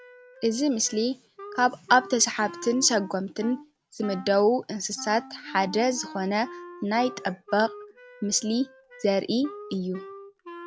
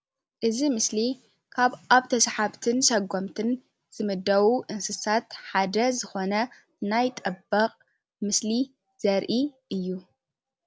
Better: second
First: background sound (Wind instrument, woodwind instrument); 17 dB below the speech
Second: none

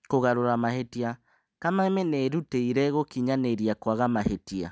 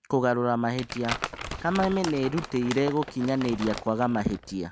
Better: first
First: none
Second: background sound (Crumpling, crinkling); 10 dB below the speech

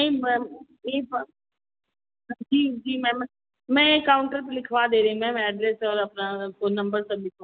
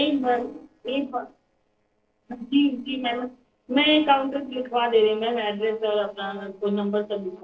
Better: first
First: none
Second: noise reduction (neural separator model SepFormer DNS4)

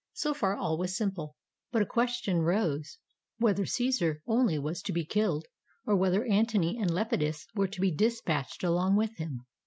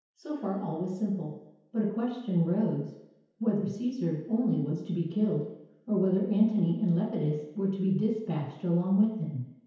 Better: first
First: none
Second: room echo; dies away in 1 s

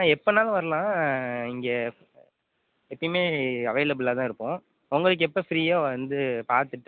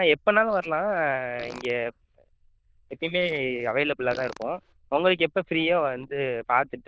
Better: first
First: none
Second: noise reduction (neural diffusion model UNIVERSE++)

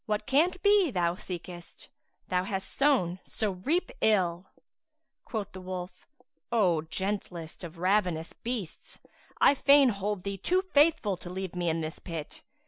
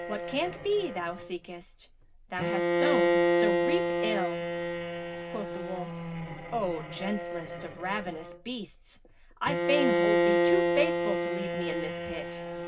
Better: first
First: none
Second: background sound (Bowed string instrument); 4 dB above the speech // room echo; dies away in 0.4 s

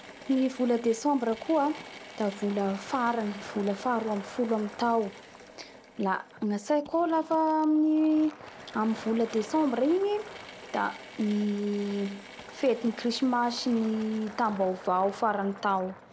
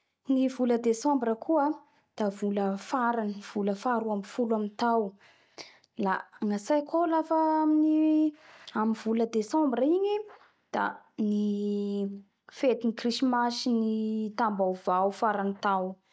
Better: second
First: background sound (Fill (with liquid) + Drill / Mechanisms); 17 dB below the speech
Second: none

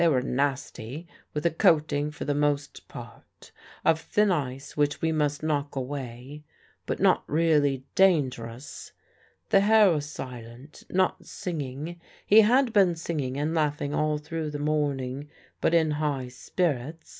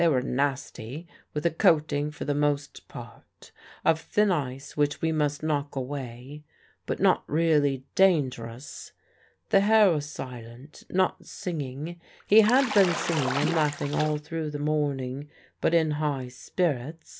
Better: first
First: none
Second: background sound (Bathtub (filling or washing) / Splash, splatter); 6 dB below the speech

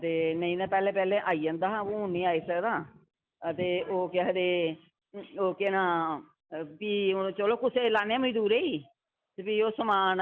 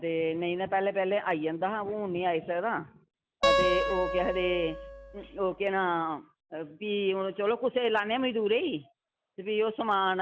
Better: first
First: none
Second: background sound (Acoustic guitar); 1 dB below the speech

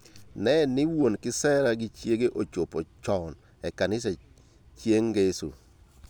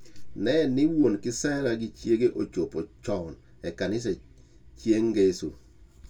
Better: first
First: none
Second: room echo; dies away in 0.2 s

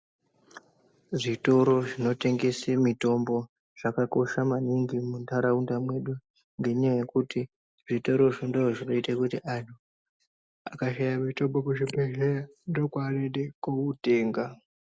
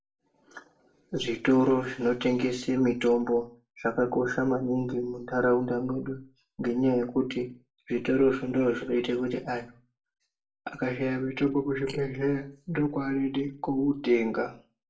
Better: first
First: none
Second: room echo; dies away in 0.3 s

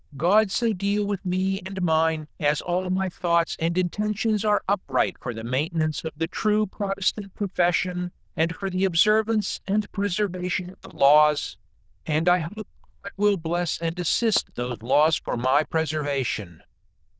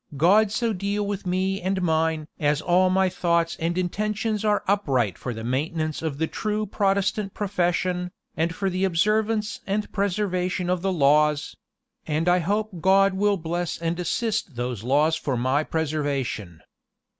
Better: second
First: noise reduction (neural diffusion model UNIVERSE++)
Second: none

